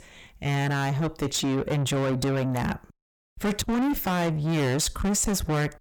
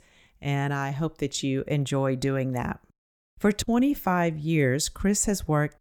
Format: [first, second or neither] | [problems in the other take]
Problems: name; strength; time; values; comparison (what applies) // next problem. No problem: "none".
second | distortion; heavy; 6 dB below the speech